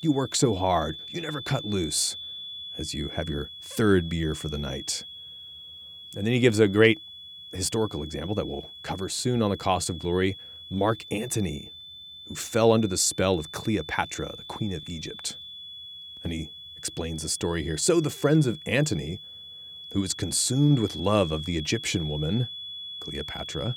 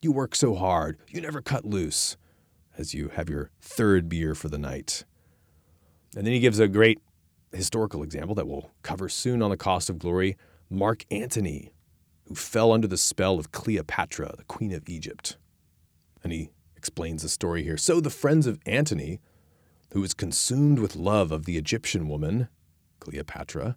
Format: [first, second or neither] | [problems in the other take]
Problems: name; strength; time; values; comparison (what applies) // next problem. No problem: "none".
second | high-pitched whine; noticeable; throughout; 3.5 kHz, 10 dB below the speech